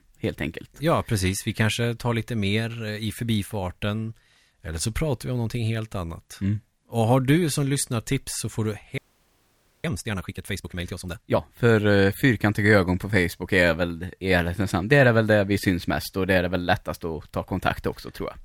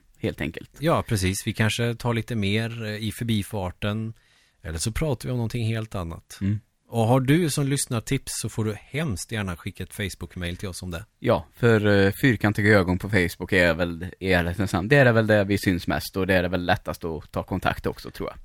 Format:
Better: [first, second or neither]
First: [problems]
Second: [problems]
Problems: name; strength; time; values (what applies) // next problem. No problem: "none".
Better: second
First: audio freezing; at 9 s for 1 s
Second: none